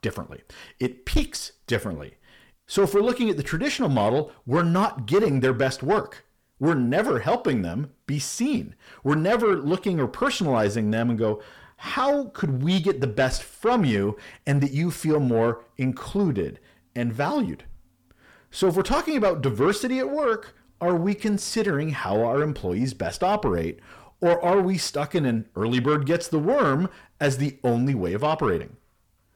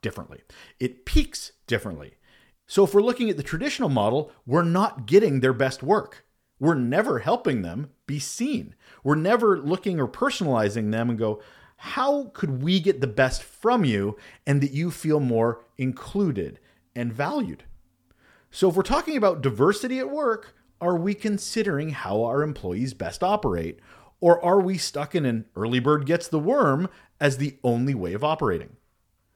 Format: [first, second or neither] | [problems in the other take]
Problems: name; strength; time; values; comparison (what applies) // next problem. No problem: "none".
second | distortion; slight; 10 dB below the speech